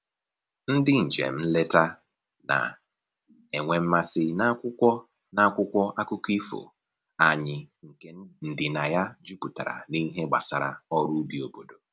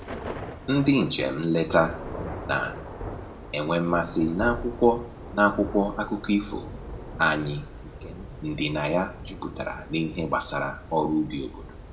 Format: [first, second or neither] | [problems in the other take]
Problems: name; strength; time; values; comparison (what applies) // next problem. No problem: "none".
first | background sound (Thunder / Rain); 11 dB below the speech // room echo; dies away in 0.6 s